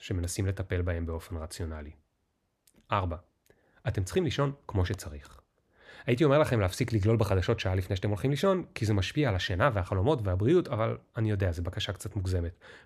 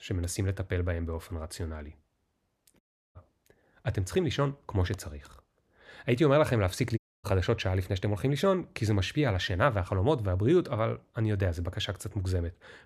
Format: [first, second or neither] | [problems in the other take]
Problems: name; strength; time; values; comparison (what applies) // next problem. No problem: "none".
first | audio cutting out; at 3 s and at 7 s